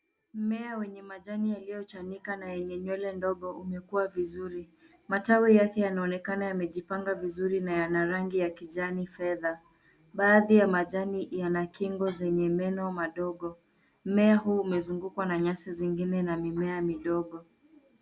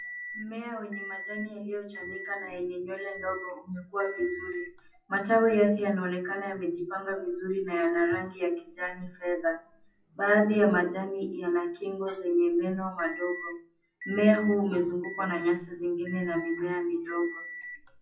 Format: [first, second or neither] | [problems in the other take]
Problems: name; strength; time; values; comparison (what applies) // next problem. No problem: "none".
first | noise reduction (classical method WPE with log-MMSE)